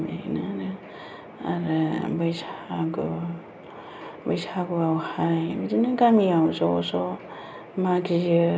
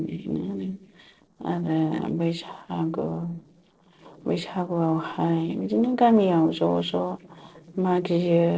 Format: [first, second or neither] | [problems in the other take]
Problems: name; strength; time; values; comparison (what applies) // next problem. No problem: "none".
first | noise reduction (neural separator model SepFormer DNS4)